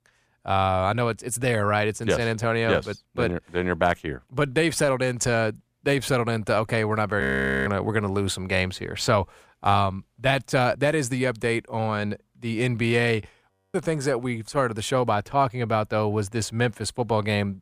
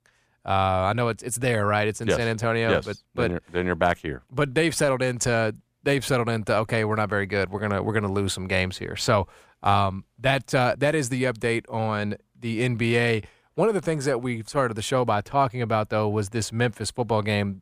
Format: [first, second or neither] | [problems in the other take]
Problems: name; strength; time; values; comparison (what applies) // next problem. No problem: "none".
second | audio freezing; at 7 s and at 14 s